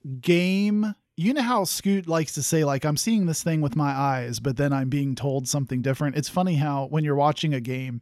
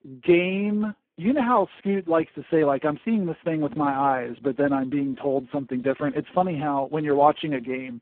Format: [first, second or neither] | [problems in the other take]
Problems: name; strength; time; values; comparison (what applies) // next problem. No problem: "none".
first | phone-call audio; poor line